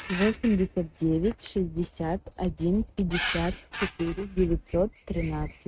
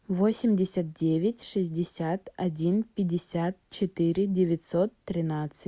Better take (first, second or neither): second